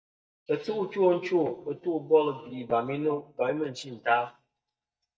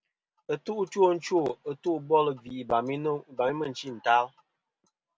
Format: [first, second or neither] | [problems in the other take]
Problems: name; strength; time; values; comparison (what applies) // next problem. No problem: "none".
second | noise reduction (neural mask model DeepFilterNet 3)